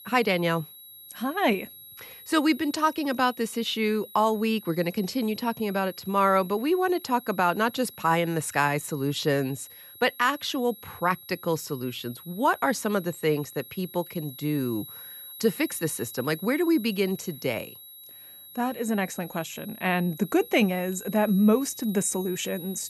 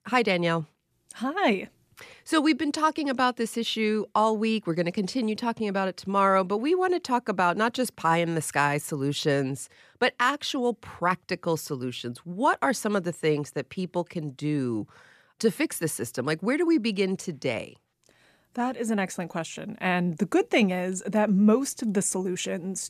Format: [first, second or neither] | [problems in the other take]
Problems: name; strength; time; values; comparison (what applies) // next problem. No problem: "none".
second | high-pitched whine; noticeable; throughout; 11.5 kHz, 15 dB below the speech